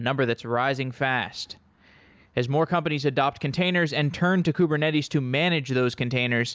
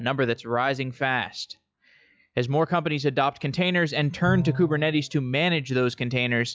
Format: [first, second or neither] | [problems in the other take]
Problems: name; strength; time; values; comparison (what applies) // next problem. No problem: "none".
first | noise reduction (classical method log-MMSE)